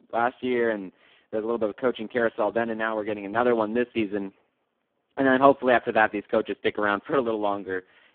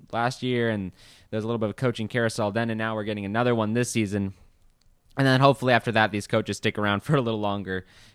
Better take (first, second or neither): second